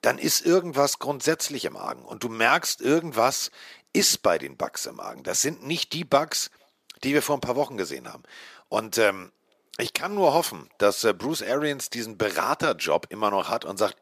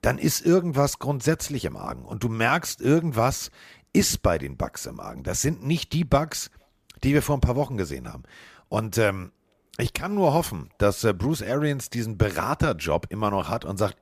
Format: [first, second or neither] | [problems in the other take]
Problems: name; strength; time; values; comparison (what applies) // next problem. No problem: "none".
second | thin; somewhat; fading below 350 Hz